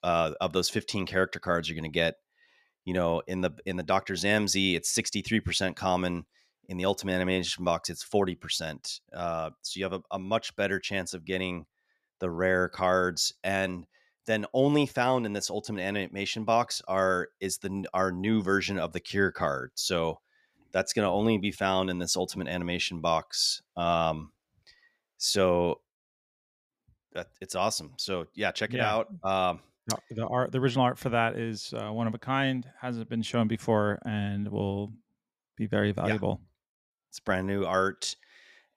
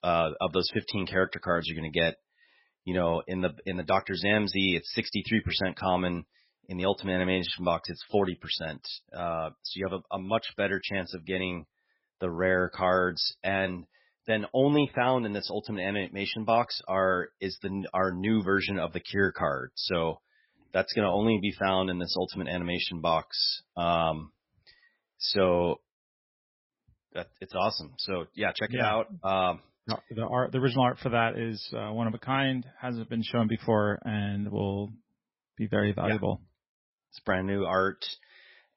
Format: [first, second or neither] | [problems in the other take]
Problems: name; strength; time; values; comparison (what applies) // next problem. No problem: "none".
first | garbled, watery; badly; nothing above 5.5 kHz